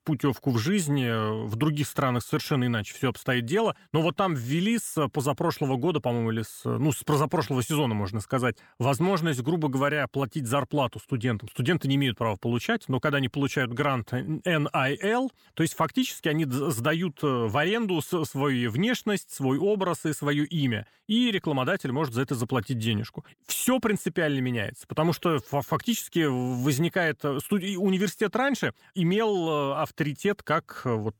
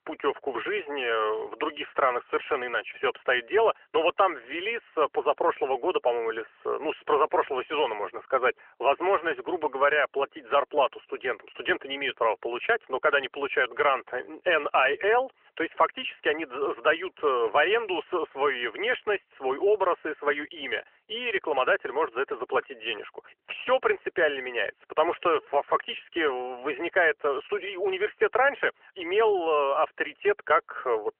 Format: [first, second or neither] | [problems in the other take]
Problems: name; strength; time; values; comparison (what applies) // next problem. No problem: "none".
first | phone-call audio; nothing above 3 kHz